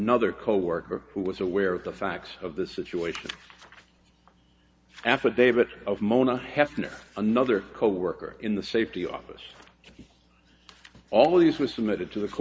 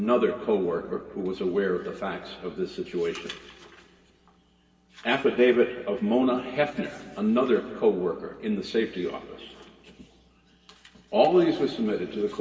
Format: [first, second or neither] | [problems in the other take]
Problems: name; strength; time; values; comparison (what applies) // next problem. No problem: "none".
first | room echo; dies away in 2.5 s